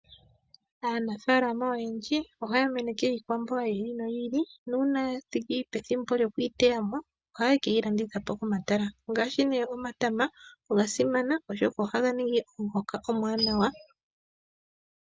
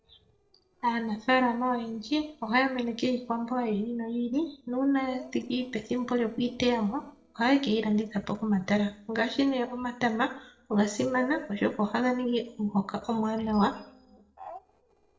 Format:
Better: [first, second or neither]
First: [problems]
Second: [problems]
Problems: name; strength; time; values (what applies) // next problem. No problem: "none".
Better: first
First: none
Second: noise reduction (neural separator model SepFormer DNS4)